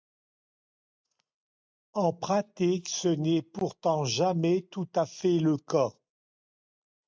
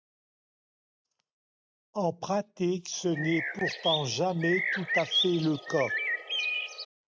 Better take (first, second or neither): first